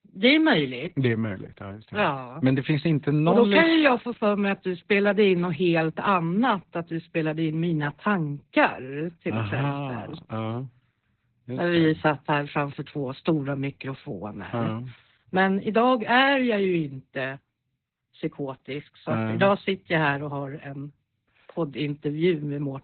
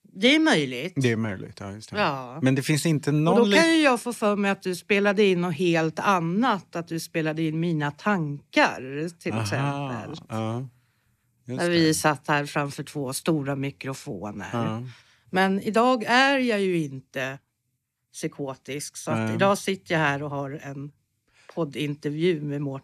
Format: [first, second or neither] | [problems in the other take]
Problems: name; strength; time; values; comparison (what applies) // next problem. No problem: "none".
second | garbled, watery; badly; nothing above 4 kHz